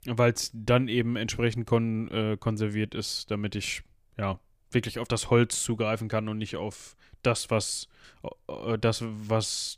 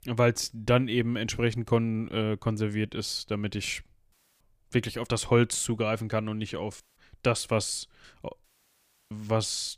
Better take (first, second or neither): first